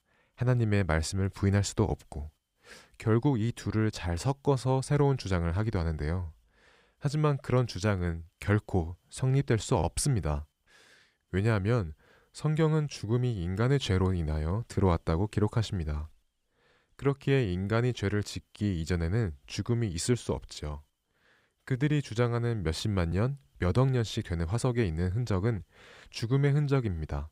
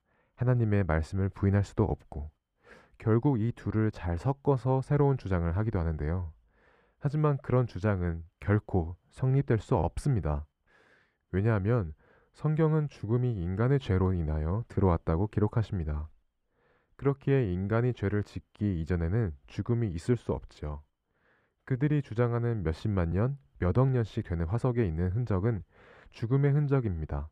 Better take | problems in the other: first | muffled; very; fading above 2.5 kHz

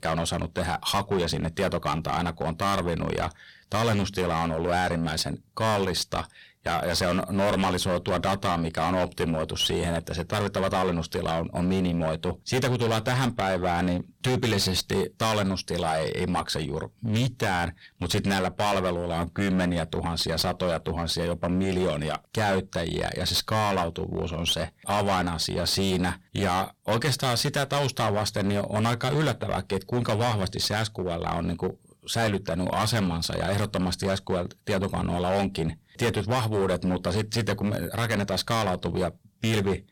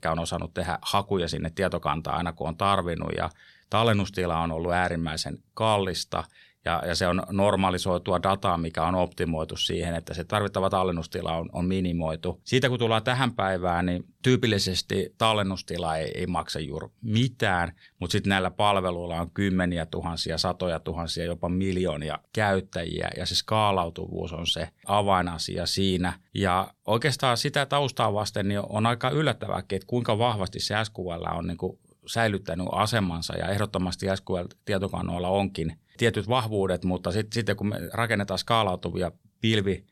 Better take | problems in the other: second | distortion; heavy; 14% of the sound clipped

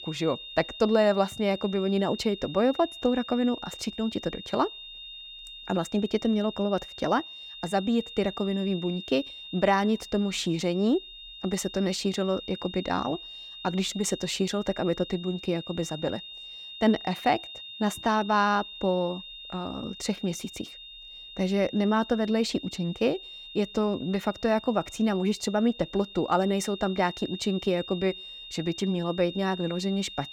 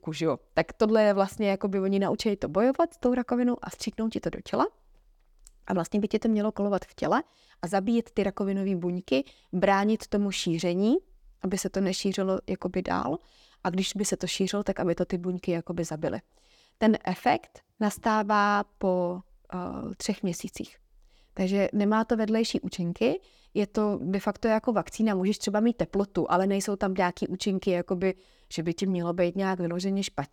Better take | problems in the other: second | high-pitched whine; noticeable; throughout; 3.5 kHz, 15 dB below the speech

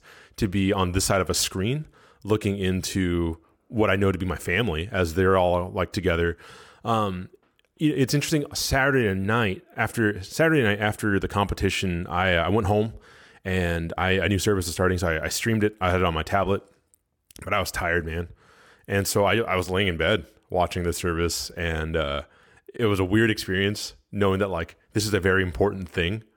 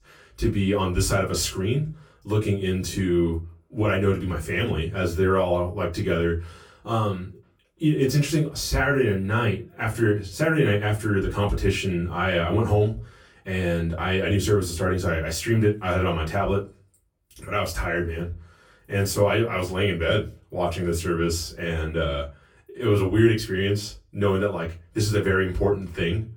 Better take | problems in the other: first | off-mic speech; far // room echo; very slight; dies away in 0.2 s

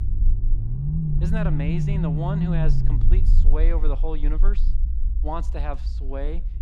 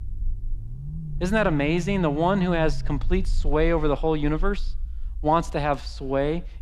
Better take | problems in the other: second | low rumble; loud; throughout; 1 dB below the speech; faint in the second

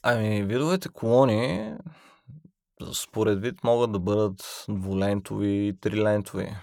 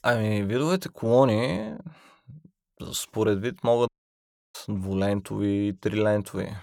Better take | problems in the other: first | audio cutting out; at 4 s for 0.5 s

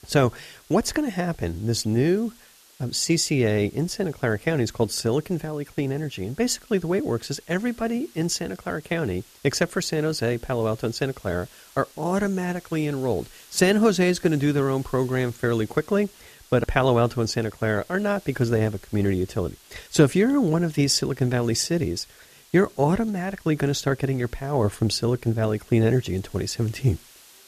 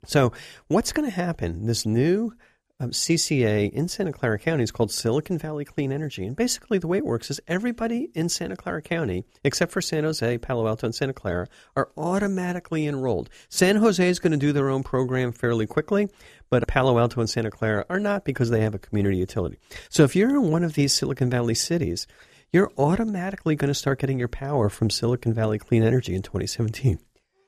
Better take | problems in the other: second | hiss; faint; throughout; 25 dB below the speech

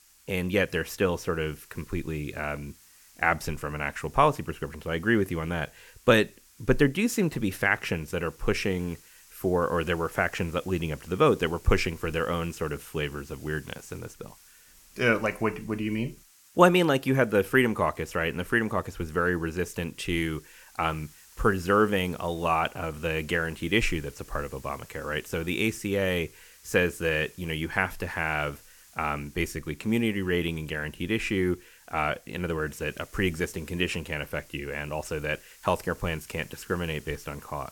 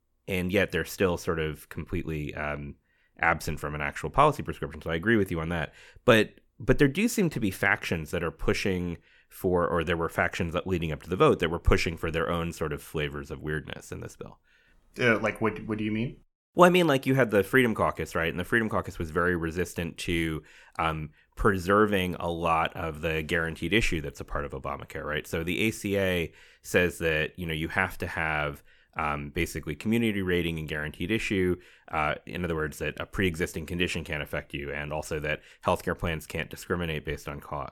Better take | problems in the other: second | hiss; faint; throughout; 25 dB below the speech

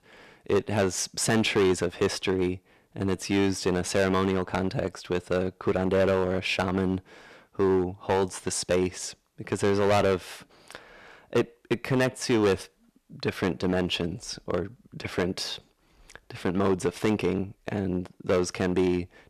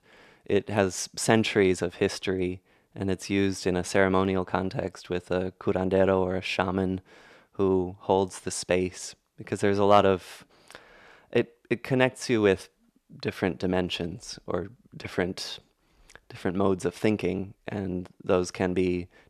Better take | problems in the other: second | distortion; heavy; 5% of the sound clipped

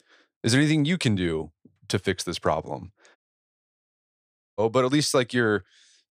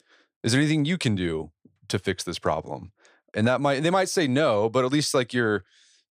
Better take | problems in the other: second | audio cutting out; at 3 s for 1.5 s

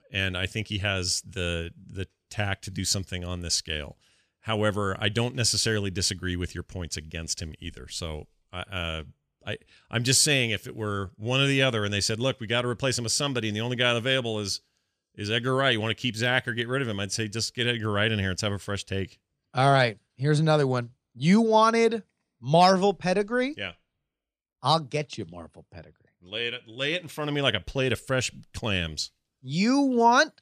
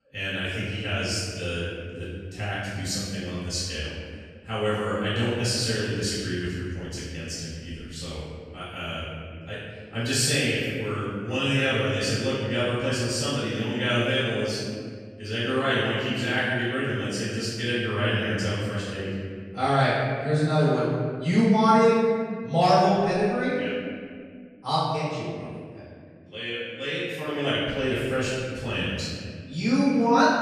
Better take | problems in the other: first | off-mic speech; far // room echo; strong; dies away in 1.9 s

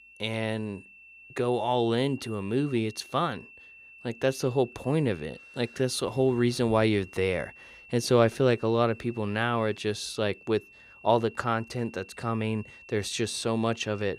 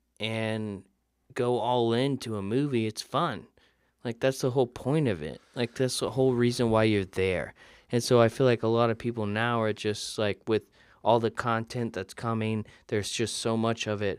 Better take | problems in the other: second | high-pitched whine; faint; throughout; 2.5 kHz, 20 dB below the speech

